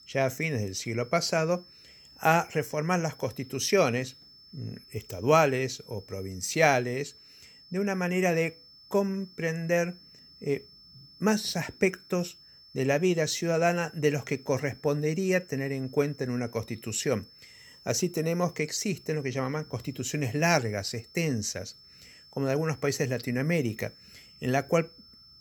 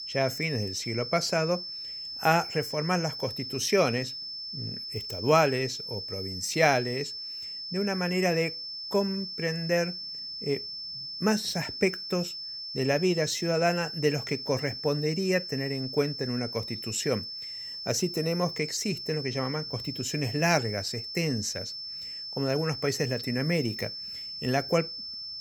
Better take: first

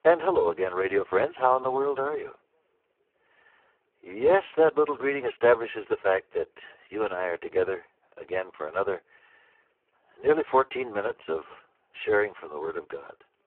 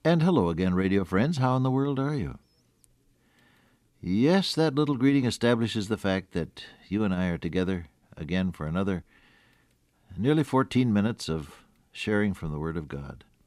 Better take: second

